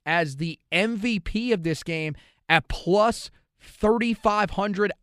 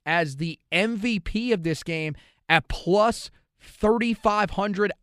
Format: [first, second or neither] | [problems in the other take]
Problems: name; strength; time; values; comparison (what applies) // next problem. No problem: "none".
neither | none